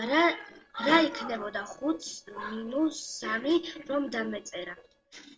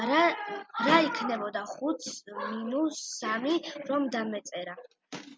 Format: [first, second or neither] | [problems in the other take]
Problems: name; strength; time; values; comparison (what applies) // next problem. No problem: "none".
second | noise reduction (neural separator model SepFormer DNS4)